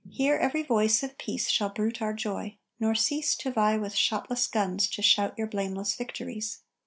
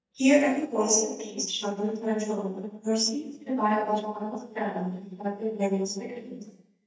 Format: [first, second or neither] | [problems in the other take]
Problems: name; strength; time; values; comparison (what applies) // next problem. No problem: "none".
first | noise reduction (neural mask model DeepFilterNet 3)